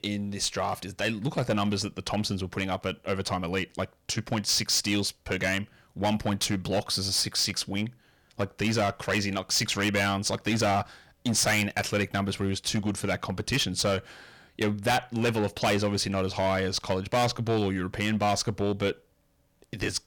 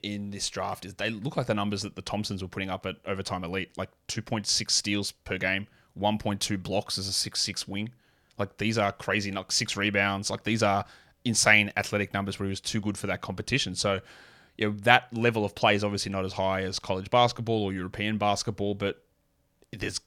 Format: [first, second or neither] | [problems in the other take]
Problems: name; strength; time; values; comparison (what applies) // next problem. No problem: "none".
second | distortion; heavy; 7% of the sound clipped